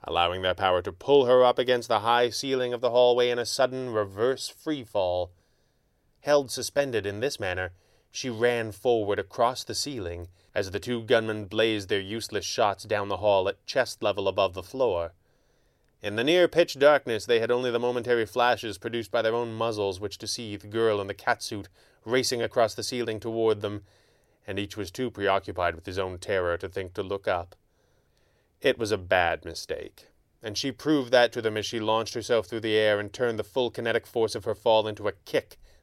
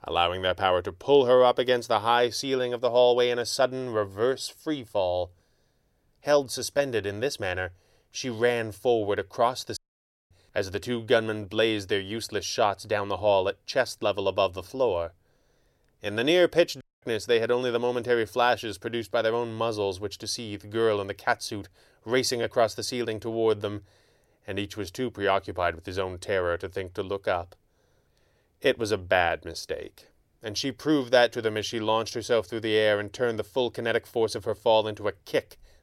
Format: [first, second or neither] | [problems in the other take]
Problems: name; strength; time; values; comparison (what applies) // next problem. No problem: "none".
first | audio cutting out; at 10 s for 0.5 s and at 17 s